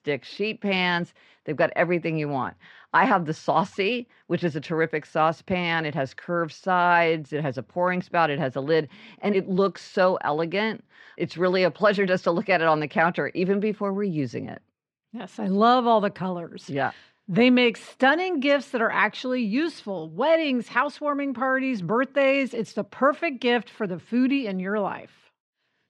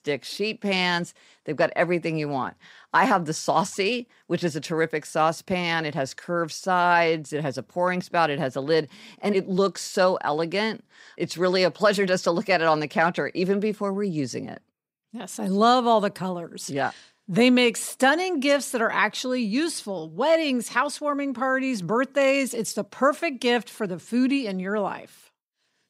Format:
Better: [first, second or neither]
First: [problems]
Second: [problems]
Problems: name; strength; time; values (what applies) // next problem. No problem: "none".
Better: second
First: muffled; slightly; fading above 3 kHz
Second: none